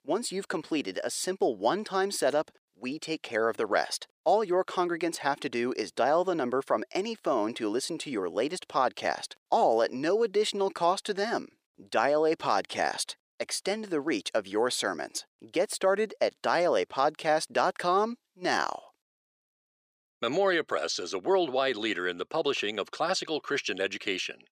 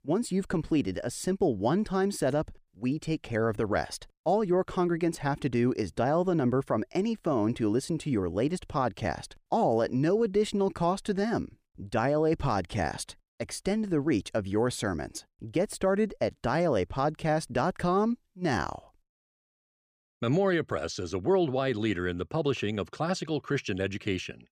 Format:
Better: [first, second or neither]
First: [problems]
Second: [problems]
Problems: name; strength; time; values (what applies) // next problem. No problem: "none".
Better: second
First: thin; somewhat; fading below 450 Hz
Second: none